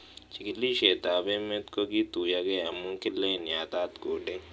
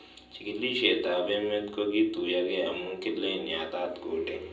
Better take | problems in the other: first | room echo; dies away in 0.6 s

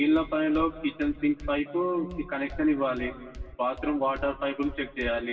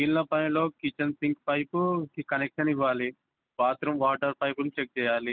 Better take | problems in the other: second | background sound (Walk, footsteps); 15 dB below the speech // room echo; dies away in 1.7 s

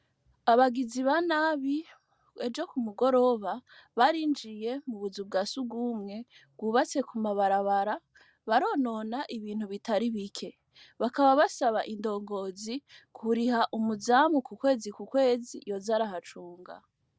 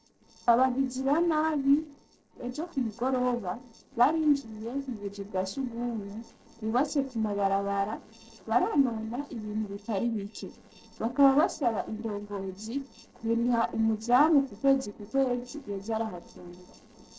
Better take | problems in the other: first | noise reduction (neural separator model SepFormer DNS4)

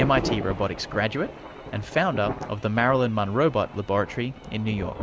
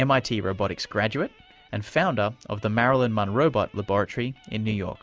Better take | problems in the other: second | background sound (Thunder); 10 dB below the speech

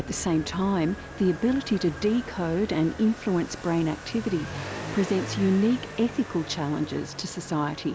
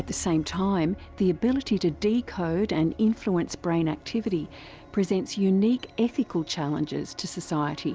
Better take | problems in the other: second | background sound (Motorcycle); 12 dB below the speech

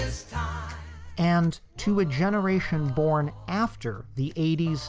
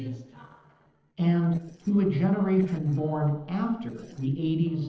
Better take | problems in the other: first | noise reduction (neural separator model SepFormer DNS4)

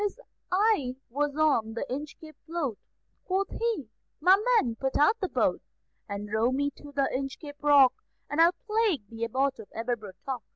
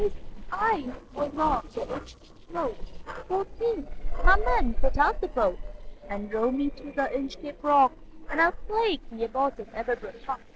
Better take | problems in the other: first | noise reduction (neural separator model SepFormer DNS4)

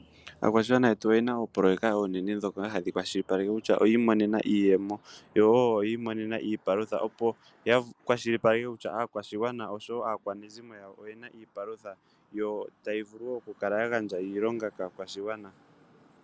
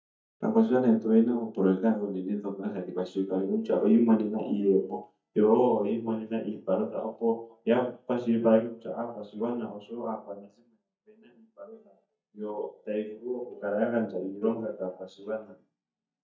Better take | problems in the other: first | noise reduction (neural mask model DeepFilterNet 3)

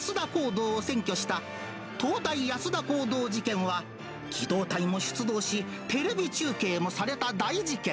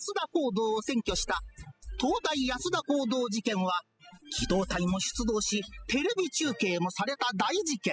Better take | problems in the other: first | noise reduction (classical method spectral subtraction)

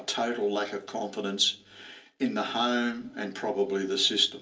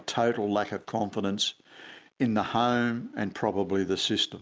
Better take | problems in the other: second | room echo; dies away in 0.3 s

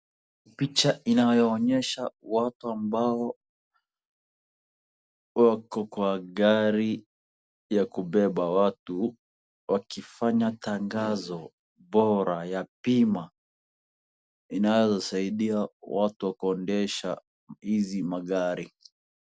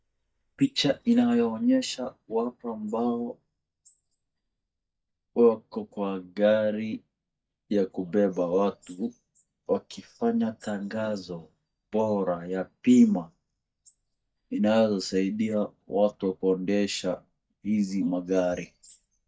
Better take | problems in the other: first | noise reduction (neural mask model DeepFilterNet 3)

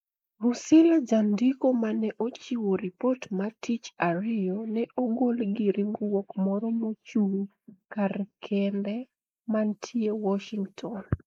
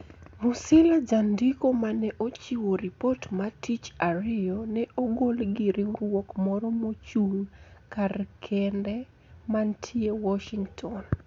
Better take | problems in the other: second | noise reduction (neural mask model Resemble Enhance denoiser)

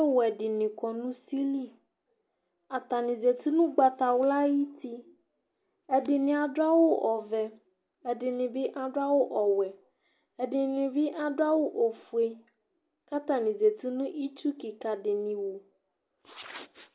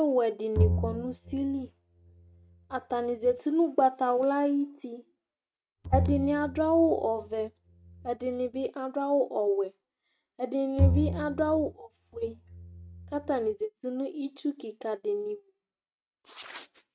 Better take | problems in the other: first | noise reduction (neural mask model RNNoise)

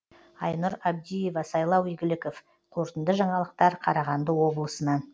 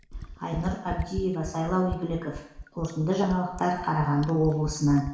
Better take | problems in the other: first | background sound (Fill (with liquid)); 11 dB below the speech // room echo; dies away in 0.7 s

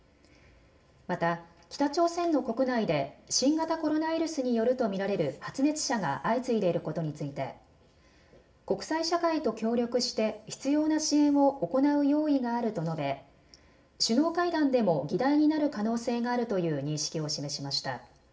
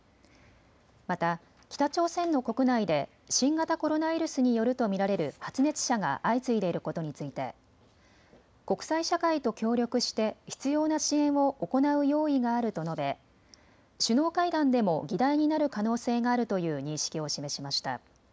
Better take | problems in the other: second | room echo; dies away in 0.4 s

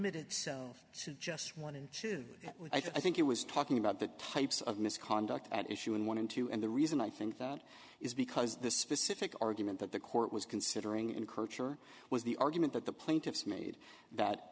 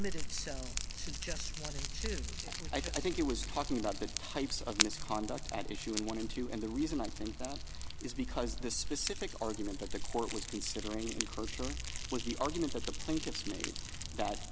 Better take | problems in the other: first | background sound (Fire); as loud as the speech

